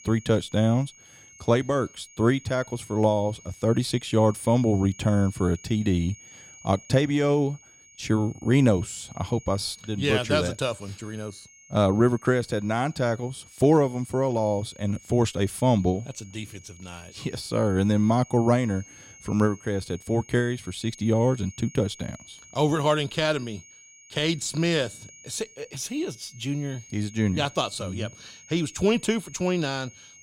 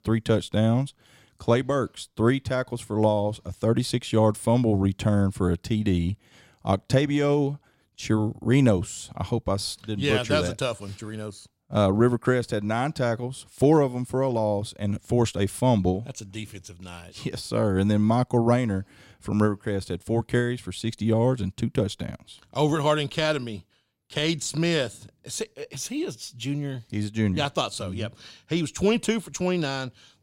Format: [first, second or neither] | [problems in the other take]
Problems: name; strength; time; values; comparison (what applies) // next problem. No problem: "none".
second | high-pitched whine; faint; throughout; 6.5 kHz, 20 dB below the speech